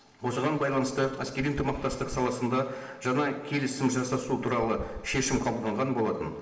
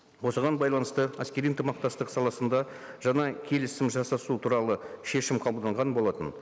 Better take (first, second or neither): second